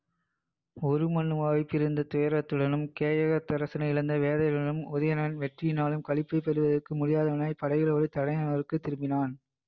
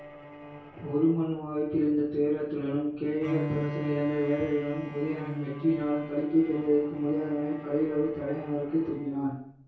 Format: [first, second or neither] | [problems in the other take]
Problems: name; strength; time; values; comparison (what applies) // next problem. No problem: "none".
first | background sound (Bowed string instrument); 11 dB below the speech // room echo; dies away in 0.6 s